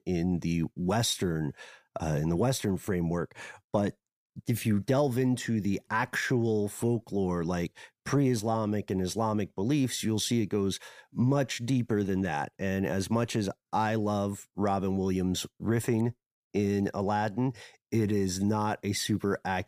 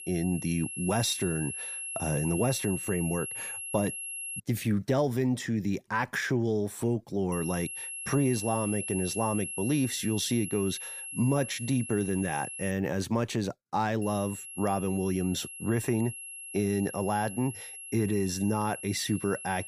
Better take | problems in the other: first | high-pitched whine; loud; until 4.5 s, from 7.5 to 13 s and from 14 s on; 11 kHz, 7 dB below the speech

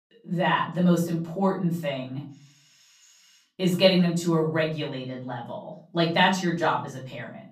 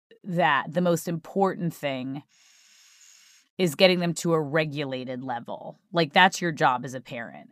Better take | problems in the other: second | off-mic speech; far // room echo; slight; dies away in 0.4 s

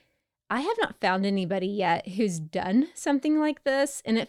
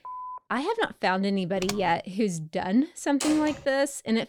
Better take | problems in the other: first | phone ringing; faint; at the start; peak 10 dB below the speech // keyboard typing; noticeable; at 1.5 s; peak 8 dB below the speech // door banging; noticeable; at 3 s; peak 6 dB below the speech

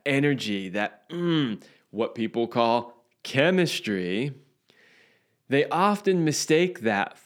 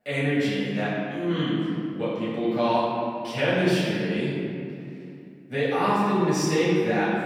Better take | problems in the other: first | room echo; strong; dies away in 2.4 s // off-mic speech; far

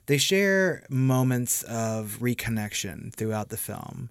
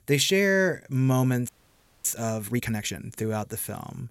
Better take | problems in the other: first | audio freezing; at 1.5 s for 0.5 s

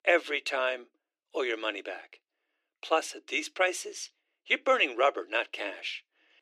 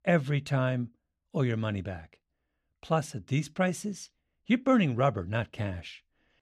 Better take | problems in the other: second | thin; very; fading below 300 Hz

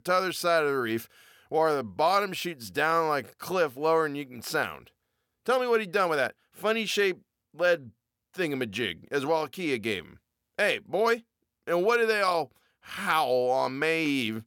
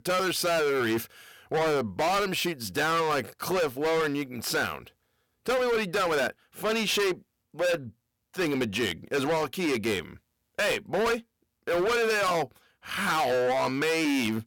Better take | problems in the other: first | distortion; heavy; 22% of the sound clipped

